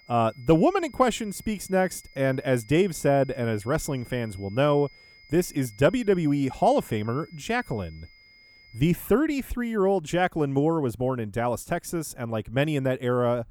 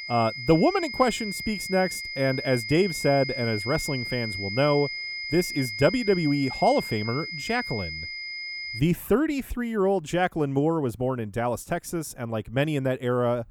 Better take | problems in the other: first | high-pitched whine; loud; until 9 s; 2 kHz, 6 dB below the speech; faint in the first

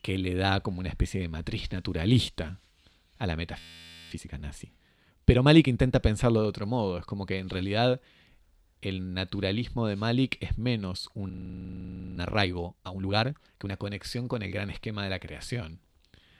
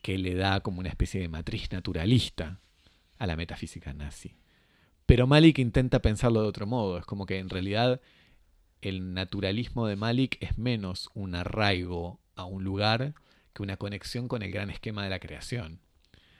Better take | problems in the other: second | audio freezing; at 3.5 s for 0.5 s and at 11 s for 1 s

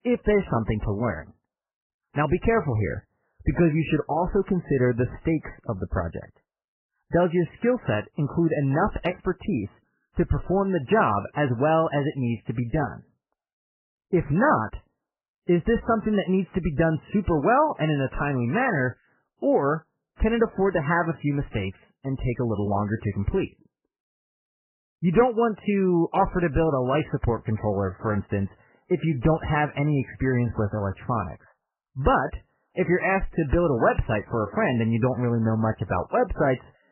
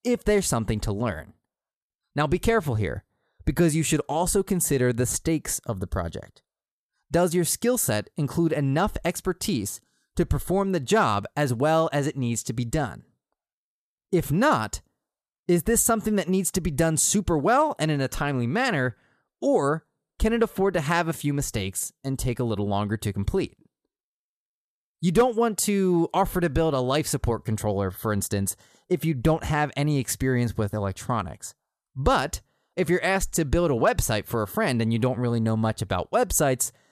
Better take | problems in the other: second | garbled, watery; badly; nothing above 3 kHz

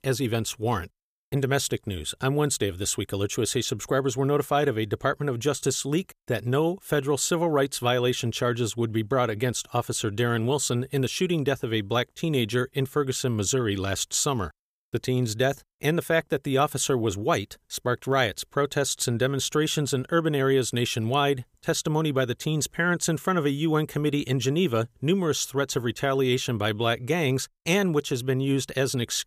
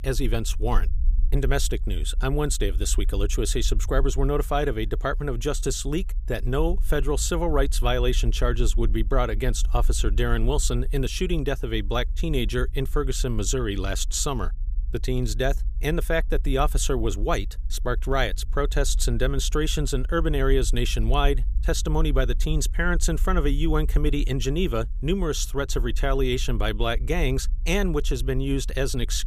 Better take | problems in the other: first | low rumble; faint; throughout; 25 dB below the speech

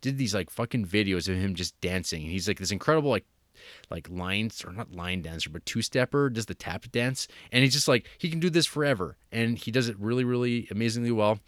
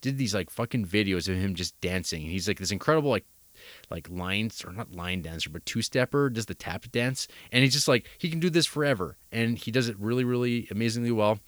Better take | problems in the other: first | hiss; faint; throughout; 25 dB below the speech

